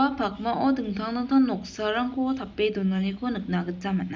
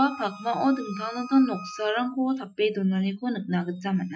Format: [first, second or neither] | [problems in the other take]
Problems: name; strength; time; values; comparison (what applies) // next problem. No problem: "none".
first | noise reduction (classical method Wiener filter)